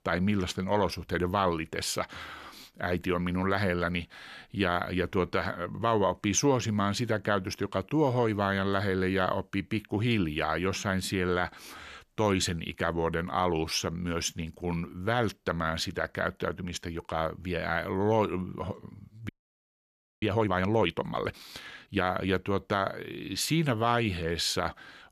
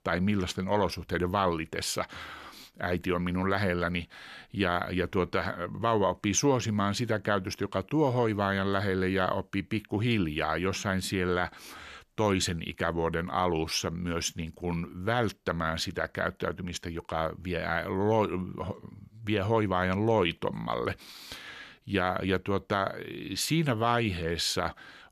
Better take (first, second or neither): second